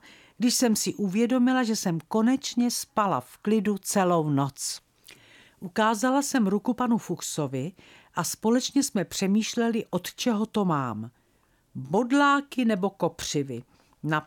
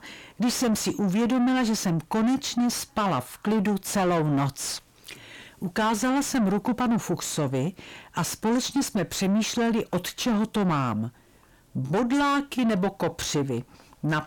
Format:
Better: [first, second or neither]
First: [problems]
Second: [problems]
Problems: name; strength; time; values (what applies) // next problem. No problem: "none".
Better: first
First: none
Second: distortion; heavy; 8 dB below the speech